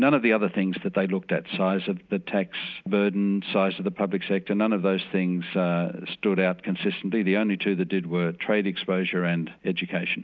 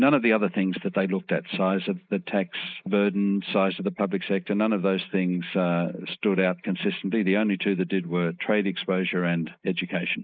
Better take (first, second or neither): first